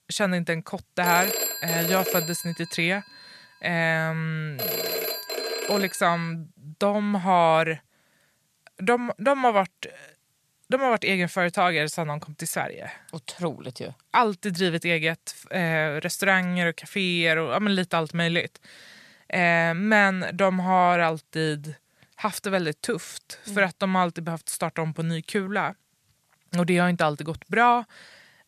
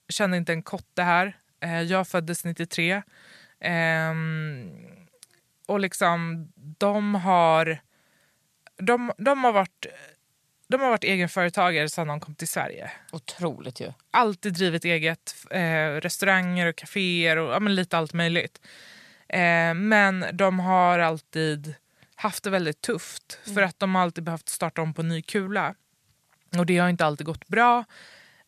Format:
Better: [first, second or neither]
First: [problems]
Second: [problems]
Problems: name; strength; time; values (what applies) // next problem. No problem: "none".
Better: second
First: phone ringing; loud; from 1 to 6 s; peak level with the speech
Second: none